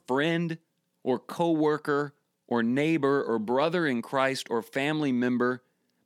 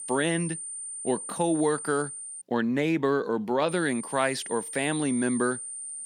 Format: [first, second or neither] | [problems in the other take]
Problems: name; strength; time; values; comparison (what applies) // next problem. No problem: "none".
first | high-pitched whine; loud; until 2.5 s and from 3.5 s on; 9 kHz, 8 dB below the speech